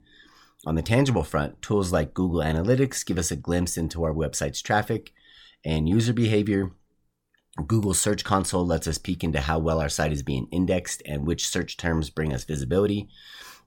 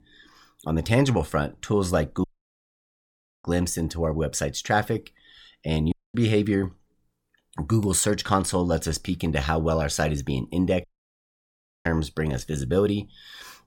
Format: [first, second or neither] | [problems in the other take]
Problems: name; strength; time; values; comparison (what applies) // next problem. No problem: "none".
first | audio cutting out; at 2 s for 1 s, at 6 s and at 11 s for 1 s